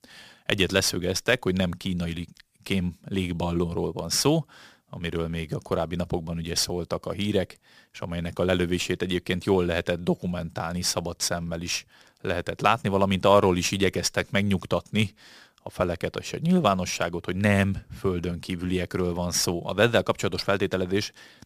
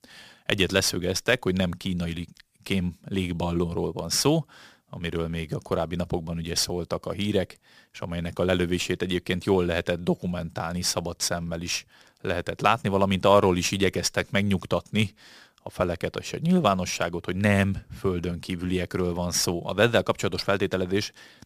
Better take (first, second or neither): neither